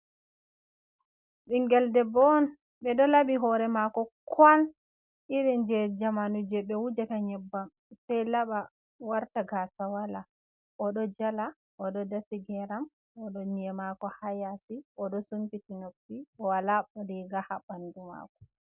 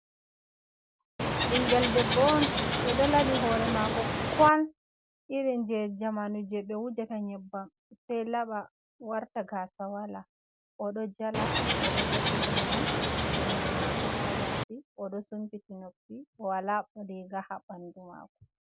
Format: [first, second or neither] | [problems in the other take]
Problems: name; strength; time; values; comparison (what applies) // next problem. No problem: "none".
first | background sound (Water / Bird); 3 dB above the speech